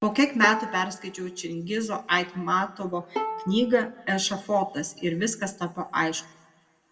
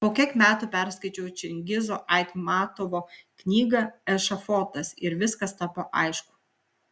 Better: second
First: background sound (Bowed string instrument); 11 dB below the speech // room echo; dies away in 0.5 s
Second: none

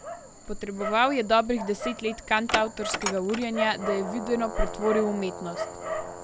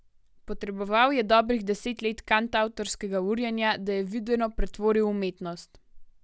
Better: second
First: background sound (Dog); 6 dB below the speech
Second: none

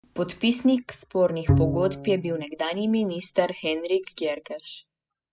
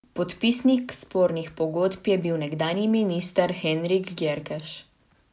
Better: second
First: noise reduction (classical method spectral subtraction)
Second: none

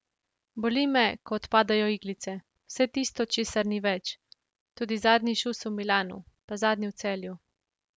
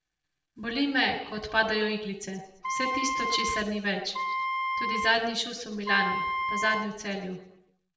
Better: first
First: none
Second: background sound (Wind instrument, woodwind instrument); as loud as the speech // room echo; dies away in 0.8 s

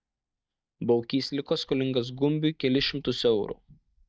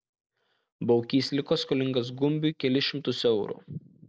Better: second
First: noise reduction (neural mask model DeepFilterNet 3)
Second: none

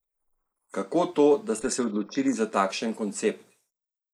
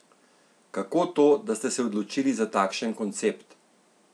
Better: second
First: noise reduction (neural mask model Resemble Enhance denoiser)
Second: none

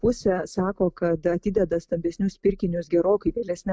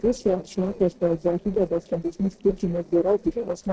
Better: first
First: none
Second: noise reduction (neural separator model SepFormer DNS4)

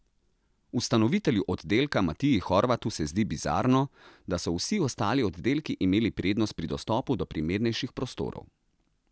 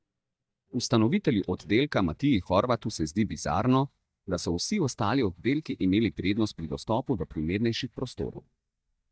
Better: first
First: none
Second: noise reduction (neural mask model DeepFilterNet 3)

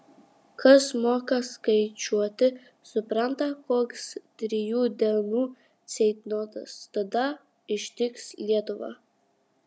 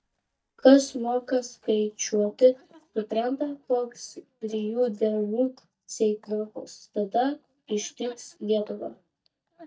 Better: first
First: none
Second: noise reduction (neural mask model DeepFilterNet 3)

